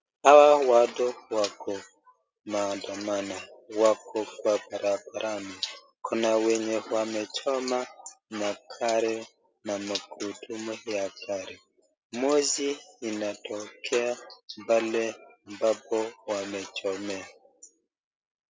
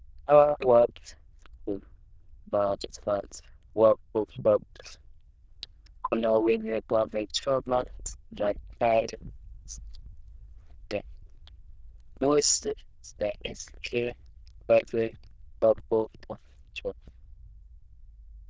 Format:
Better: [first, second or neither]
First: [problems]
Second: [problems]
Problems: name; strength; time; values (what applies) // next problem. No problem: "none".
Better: first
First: none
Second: noise reduction (neural diffusion model UNIVERSE++)